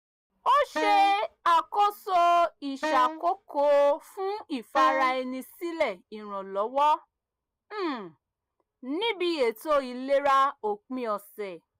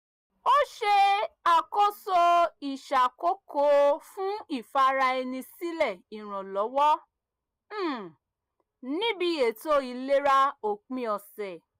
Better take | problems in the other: second | background sound (Wind instrument, woodwind instrument); 7 dB below the speech

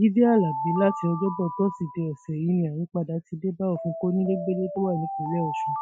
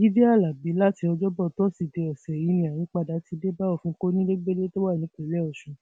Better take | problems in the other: second | noise reduction (classical method Wiener filter)

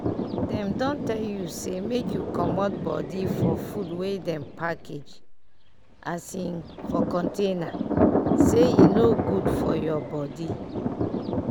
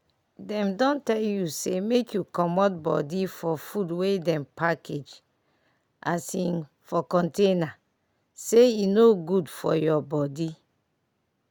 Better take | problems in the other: second | background sound (Thunder); 3 dB above the speech

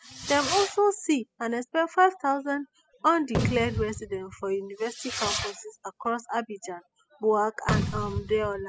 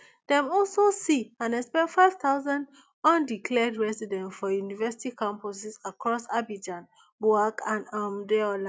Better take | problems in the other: second | noise reduction (classical method spectral subtraction)

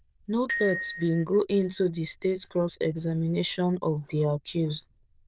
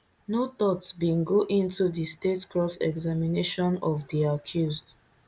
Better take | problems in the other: second | noise reduction (neural diffusion model UNIVERSE++)

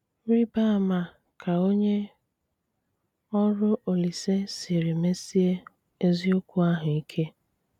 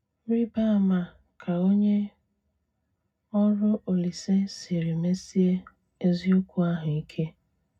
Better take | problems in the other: first | room echo; dies away in 0.4 s

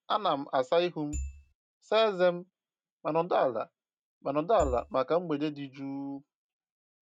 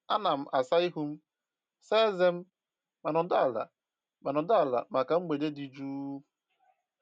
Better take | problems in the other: second | noise reduction (neural mask model RNNoise)

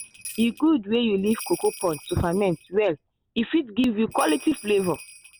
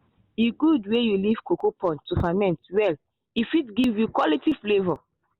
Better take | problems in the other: second | background sound (Bell); 18 dB below the speech

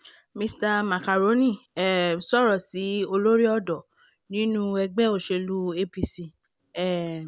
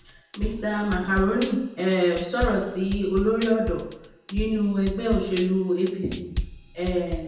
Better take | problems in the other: first | background sound (Drum kit); 9 dB below the speech // room echo; dies away in 0.8 s

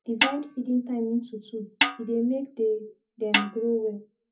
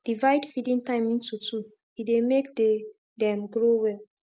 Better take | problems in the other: second | background sound (Snare drum); 1 dB above the speech // room echo; dies away in 0.3 s

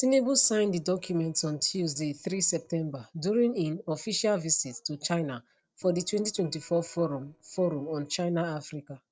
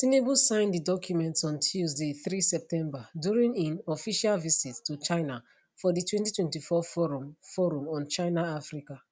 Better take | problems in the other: second | noise reduction (neural separator model SepFormer DNS4)

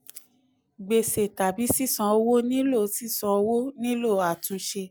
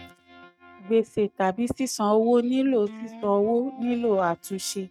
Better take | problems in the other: first | noise reduction (neural mask model RNNoise)

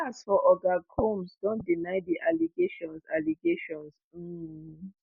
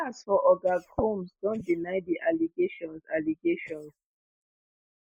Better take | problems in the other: first | noise reduction (neural mask model Resemble Enhance denoiser)

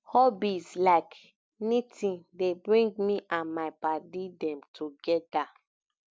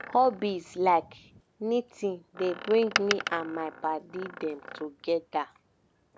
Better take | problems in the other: first | background sound (Door); 10 dB below the speech

